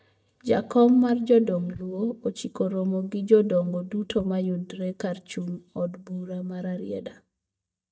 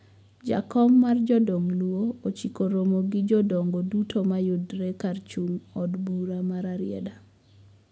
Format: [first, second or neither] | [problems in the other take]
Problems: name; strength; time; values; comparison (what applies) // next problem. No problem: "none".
second | noise reduction (neural mask model DeepFilterNet 3)